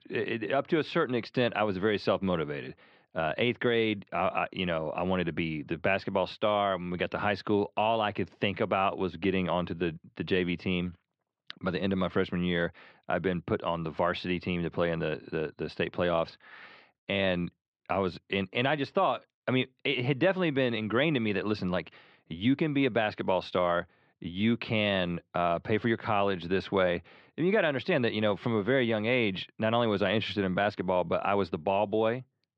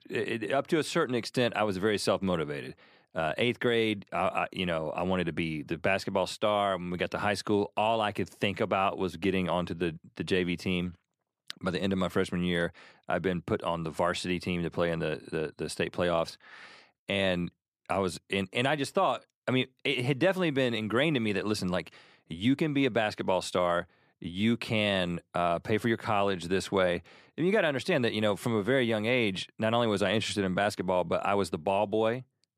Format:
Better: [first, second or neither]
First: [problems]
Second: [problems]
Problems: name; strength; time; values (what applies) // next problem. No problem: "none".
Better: second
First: muffled; slightly; fading above 4 kHz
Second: none